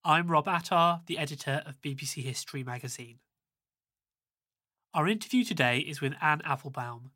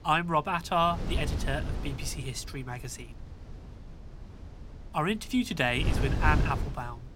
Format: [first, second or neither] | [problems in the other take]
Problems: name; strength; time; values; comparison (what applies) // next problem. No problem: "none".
first | wind noise on the microphone; occasional gusts; 10 dB below the speech